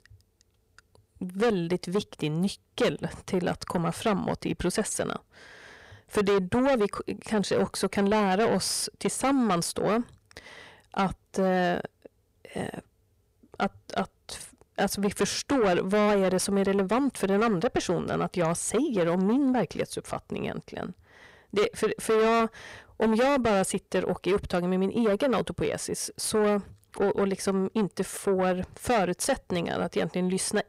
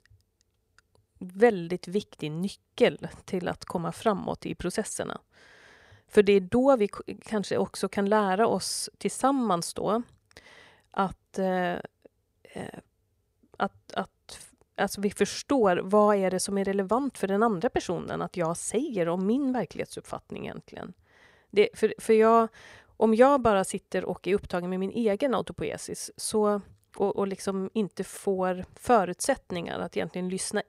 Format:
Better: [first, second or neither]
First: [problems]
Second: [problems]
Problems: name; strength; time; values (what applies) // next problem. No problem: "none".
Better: second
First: distortion; heavy; 6 dB below the speech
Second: none